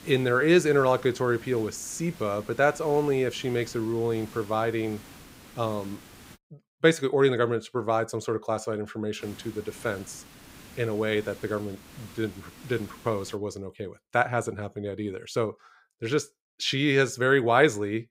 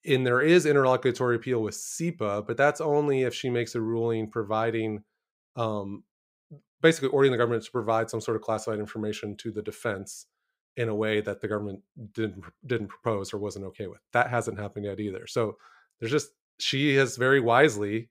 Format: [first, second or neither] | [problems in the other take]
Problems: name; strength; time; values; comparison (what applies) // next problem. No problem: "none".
second | hiss; faint; until 6.5 s and from 9 to 13 s; 20 dB below the speech